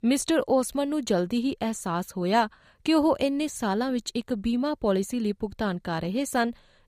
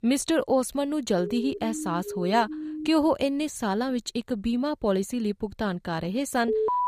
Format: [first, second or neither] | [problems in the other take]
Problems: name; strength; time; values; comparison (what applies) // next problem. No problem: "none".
first | siren; noticeable; from 1 to 3 s; peak 8 dB below the speech // alarm; loud; at 6.5 s; peak 2 dB above the speech